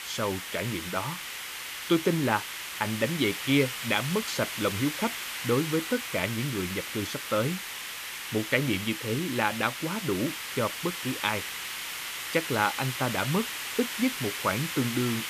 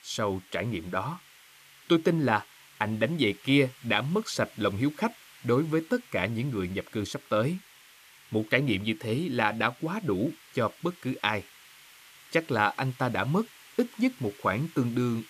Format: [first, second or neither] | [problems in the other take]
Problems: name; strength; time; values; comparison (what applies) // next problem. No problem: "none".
second | hiss; loud; throughout; 4 dB below the speech; faint in the second